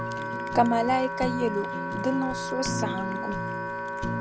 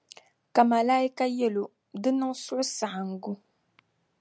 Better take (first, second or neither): second